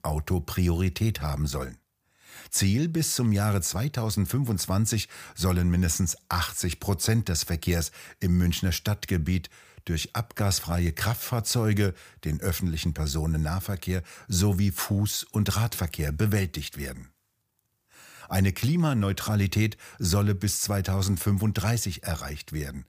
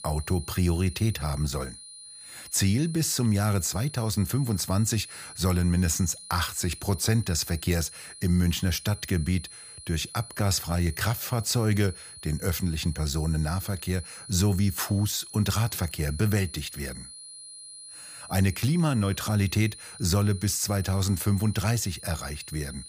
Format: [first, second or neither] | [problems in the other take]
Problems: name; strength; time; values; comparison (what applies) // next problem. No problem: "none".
first | high-pitched whine; noticeable; throughout; 9.5 kHz, 15 dB below the speech